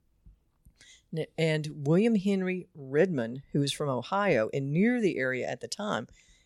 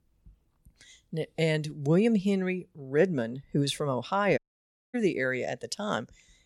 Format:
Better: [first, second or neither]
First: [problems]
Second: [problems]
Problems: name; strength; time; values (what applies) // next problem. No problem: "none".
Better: first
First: none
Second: audio cutting out; at 4.5 s for 0.5 s